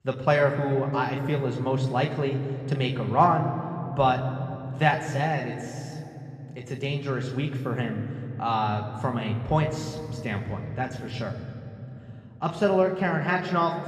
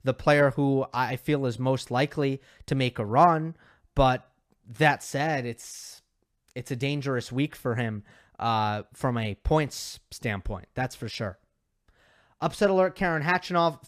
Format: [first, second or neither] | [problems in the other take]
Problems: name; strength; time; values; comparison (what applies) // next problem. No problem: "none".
second | room echo; noticeable; dies away in 3 s // off-mic speech; somewhat distant